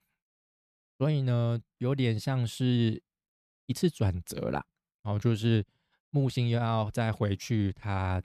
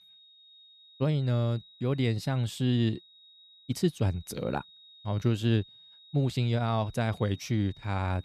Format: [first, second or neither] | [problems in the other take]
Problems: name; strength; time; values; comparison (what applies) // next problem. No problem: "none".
first | high-pitched whine; faint; throughout; 3.5 kHz, 25 dB below the speech